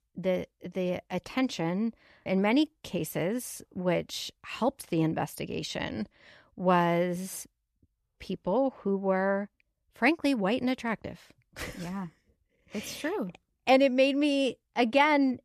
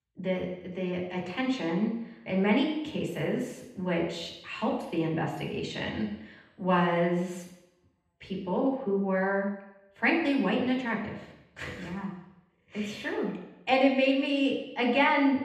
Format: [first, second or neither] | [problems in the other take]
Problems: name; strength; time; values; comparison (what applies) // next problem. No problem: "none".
first | room echo; noticeable; dies away in 0.9 s // off-mic speech; far